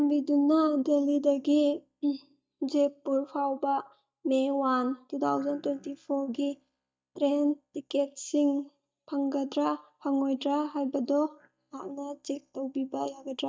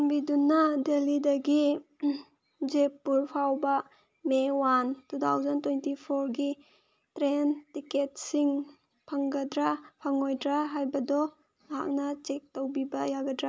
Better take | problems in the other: second | noise reduction (neural mask model DeepFilterNet 3)

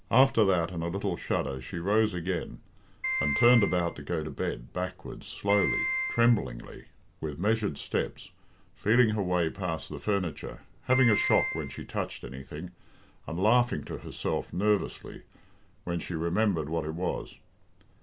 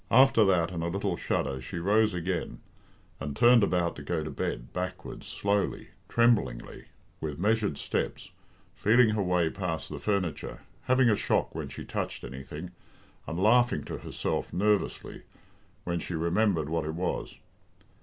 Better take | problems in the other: second | background sound (Piano); 3 dB below the speech

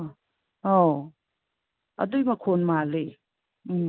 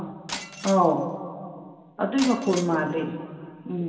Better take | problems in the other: first | background sound (Shatter); 14 dB below the speech // room echo; dies away in 2.2 s

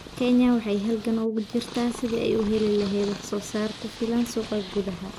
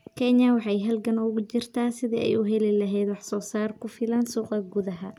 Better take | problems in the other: second | background sound (Purr); 14 dB below the speech

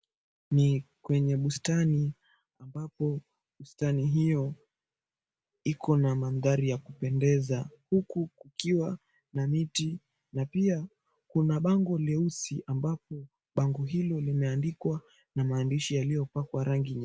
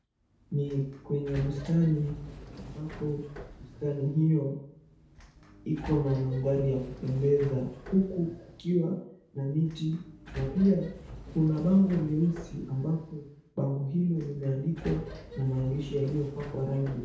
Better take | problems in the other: first | background sound (Sliding door); 16 dB below the speech // room echo; dies away in 0.8 s

